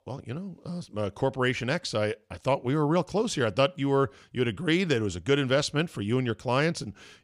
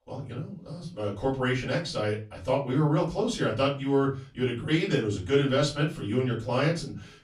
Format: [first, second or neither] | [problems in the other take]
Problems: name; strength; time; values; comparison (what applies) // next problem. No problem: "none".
first | off-mic speech; far // room echo; slight; dies away in 0.3 s